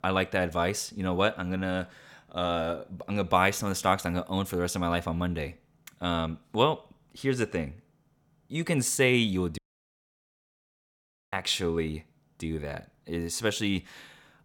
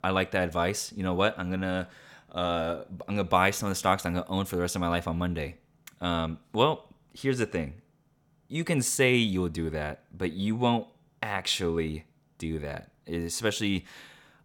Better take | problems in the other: second | audio cutting out; at 9.5 s for 1.5 s

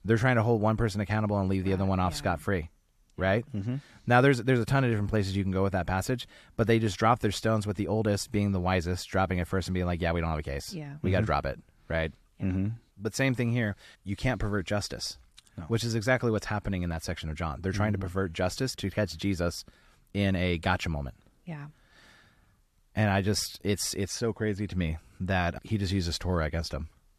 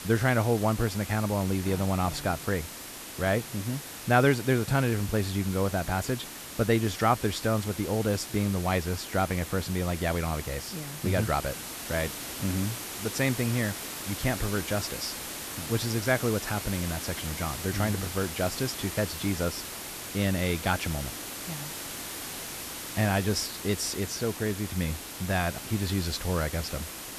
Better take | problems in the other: first | hiss; loud; throughout; 8 dB below the speech

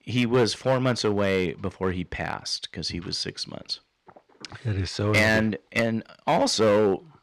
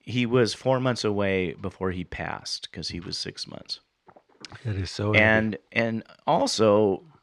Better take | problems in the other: second | distortion; slight; 4% of the sound clipped

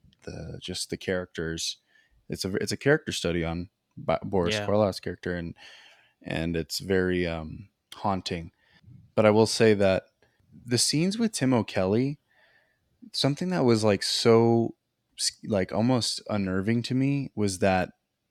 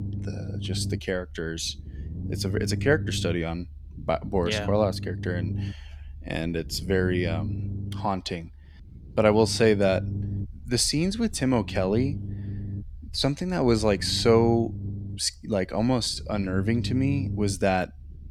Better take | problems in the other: first | low rumble; noticeable; throughout; 15 dB below the speech

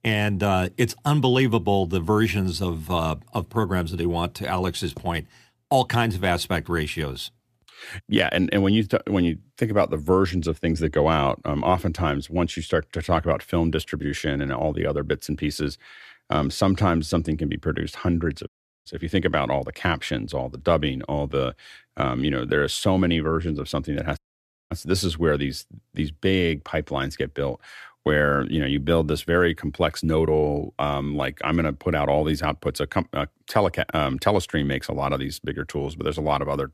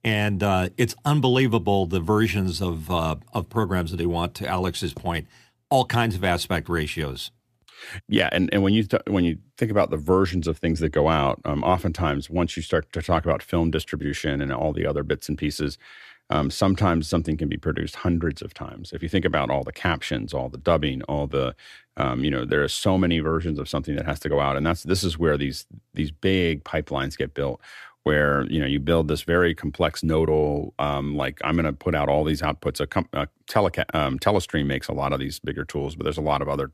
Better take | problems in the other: second | audio cutting out; at 18 s and at 24 s for 0.5 s

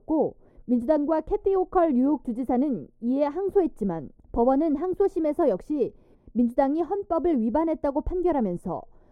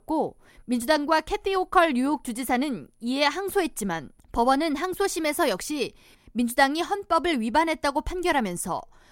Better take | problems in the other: second | muffled; very; fading above 1 kHz

